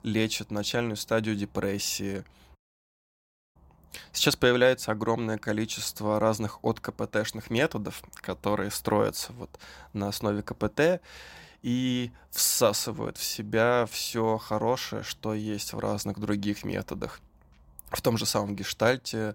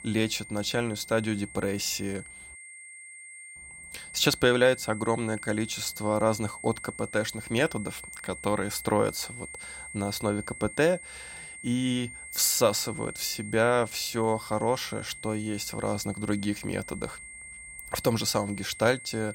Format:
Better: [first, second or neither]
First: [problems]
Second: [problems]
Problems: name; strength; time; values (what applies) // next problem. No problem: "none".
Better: first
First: none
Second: high-pitched whine; noticeable; throughout; 2 kHz, 15 dB below the speech